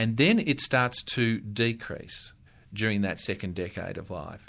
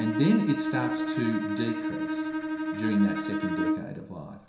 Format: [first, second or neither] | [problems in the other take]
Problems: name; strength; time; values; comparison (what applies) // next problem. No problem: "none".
first | background sound (Bowed string instrument); 1 dB below the speech // room echo; dies away in 0.7 s